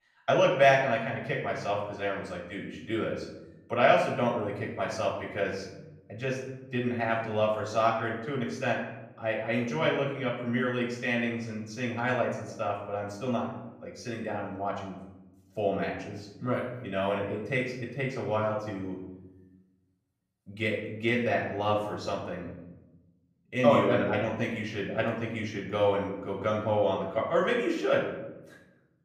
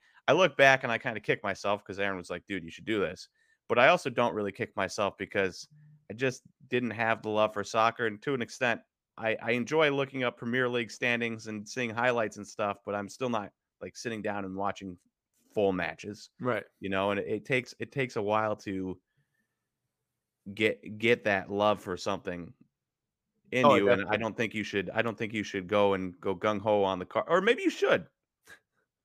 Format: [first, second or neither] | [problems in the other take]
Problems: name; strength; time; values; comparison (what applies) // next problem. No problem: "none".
second | off-mic speech; far // room echo; noticeable; dies away in 1 s